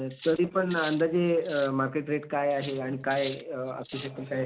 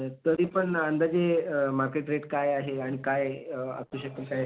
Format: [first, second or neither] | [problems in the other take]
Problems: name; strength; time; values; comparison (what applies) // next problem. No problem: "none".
second | background sound (Cutlery, silverware); 18 dB below the speech